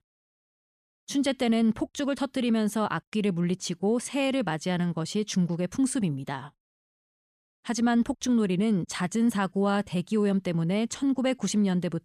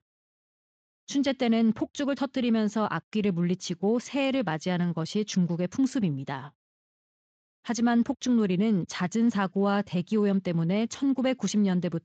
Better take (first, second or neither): first